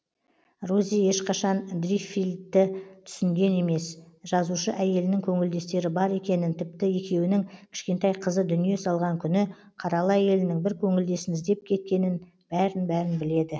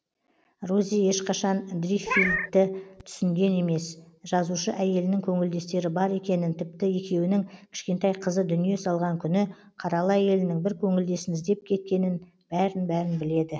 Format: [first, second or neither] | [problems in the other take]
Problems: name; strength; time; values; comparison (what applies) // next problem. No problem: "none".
first | background sound (Meow); 3 dB below the speech